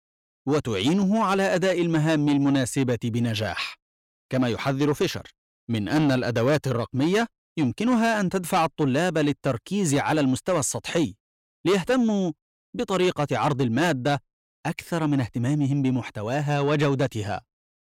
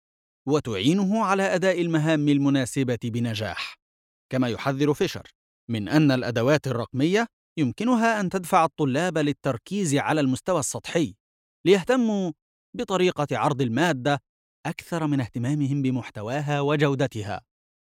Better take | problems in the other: second | distortion; slight; 10 dB below the speech

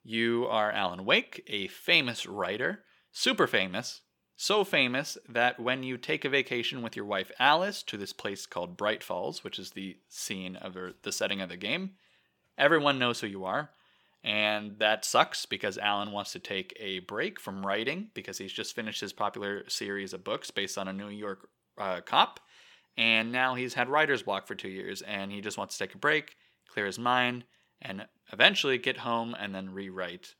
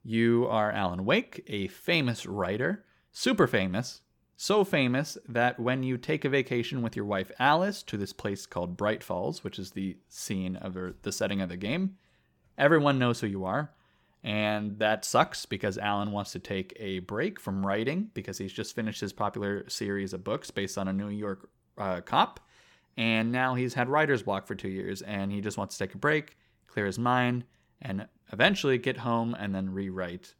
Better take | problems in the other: second | thin; very slightly; fading below 450 Hz

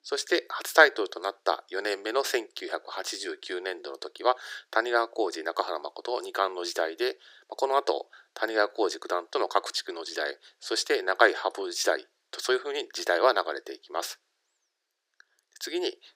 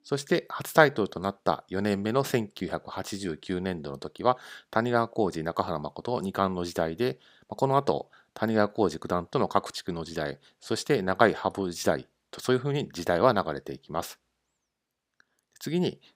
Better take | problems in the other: second | thin; very; fading below 350 Hz

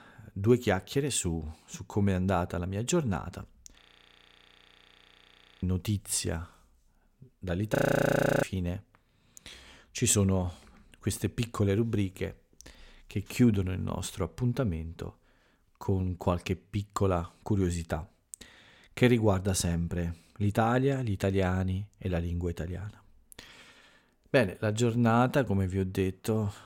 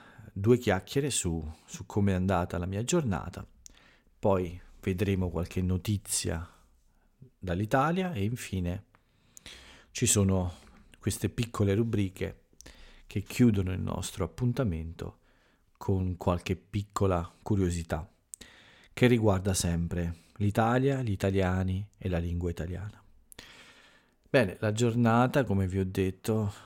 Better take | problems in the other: second | audio freezing; at 4 s for 2 s and at 8 s for 0.5 s

